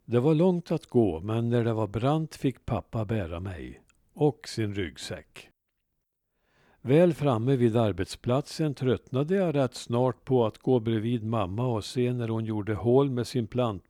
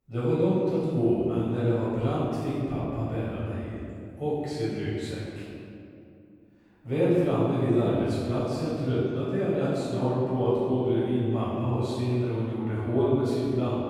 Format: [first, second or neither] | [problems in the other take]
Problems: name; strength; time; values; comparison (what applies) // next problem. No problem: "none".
first | room echo; strong; dies away in 2.5 s // off-mic speech; far